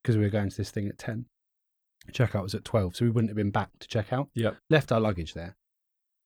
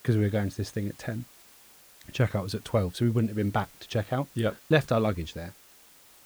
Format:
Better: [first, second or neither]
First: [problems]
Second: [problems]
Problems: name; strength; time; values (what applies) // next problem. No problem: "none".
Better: first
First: none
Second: hiss; faint; throughout; 25 dB below the speech